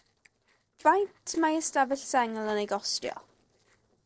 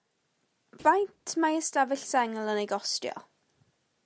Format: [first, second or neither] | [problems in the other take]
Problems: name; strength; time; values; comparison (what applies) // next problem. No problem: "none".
second | noise reduction (neural separator model SepFormer DNS4)